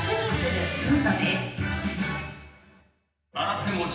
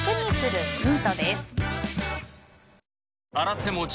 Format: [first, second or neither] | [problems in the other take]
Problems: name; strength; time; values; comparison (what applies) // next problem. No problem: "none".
second | room echo; dies away in 0.9 s